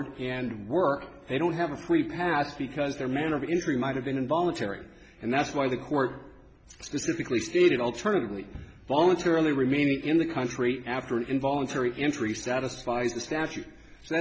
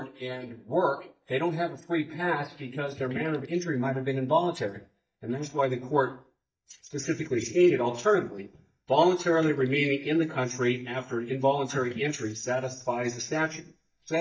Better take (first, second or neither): first